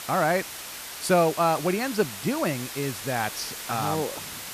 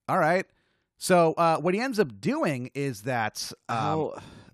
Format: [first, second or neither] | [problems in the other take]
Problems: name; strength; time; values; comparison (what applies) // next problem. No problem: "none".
second | hiss; loud; throughout; 8 dB below the speech